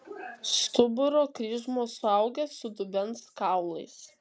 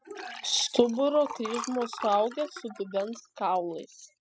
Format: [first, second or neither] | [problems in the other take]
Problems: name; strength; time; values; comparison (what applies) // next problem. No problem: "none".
first | noise reduction (classical method spectral subtraction)